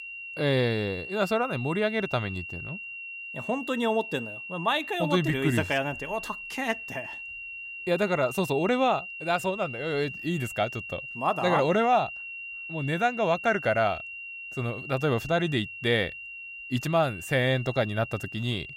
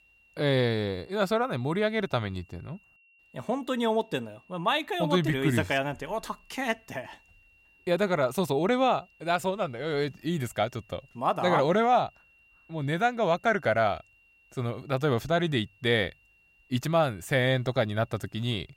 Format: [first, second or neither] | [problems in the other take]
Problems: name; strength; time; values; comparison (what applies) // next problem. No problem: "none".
second | high-pitched whine; loud; throughout; 2.5 kHz, 9 dB below the speech; faint in the second